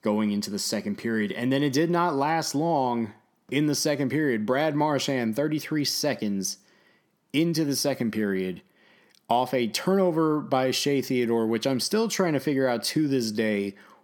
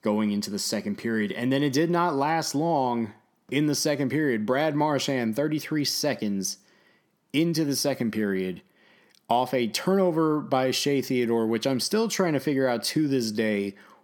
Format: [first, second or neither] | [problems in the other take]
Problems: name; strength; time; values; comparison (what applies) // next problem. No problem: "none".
neither | none